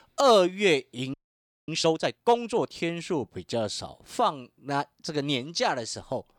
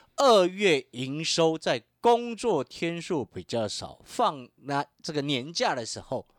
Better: second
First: audio freezing; at 1 s for 0.5 s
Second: none

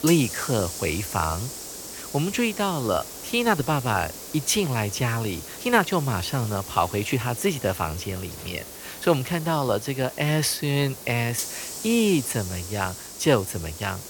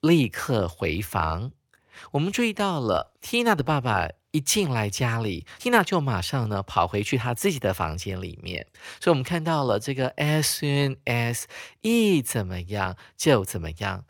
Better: second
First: hiss; loud; throughout; 10 dB below the speech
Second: none

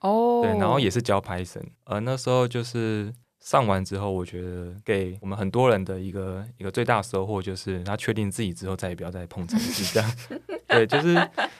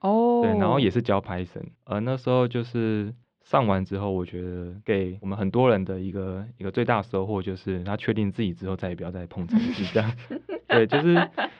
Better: first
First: none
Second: muffled; slightly; fading above 3.5 kHz

